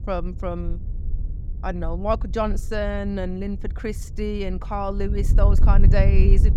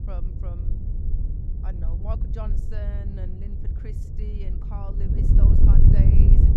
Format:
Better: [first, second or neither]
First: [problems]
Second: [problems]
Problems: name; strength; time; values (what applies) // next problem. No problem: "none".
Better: first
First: wind noise on the microphone; occasional gusts; 15 dB below the speech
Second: wind noise on the microphone; heavy; 4 dB above the speech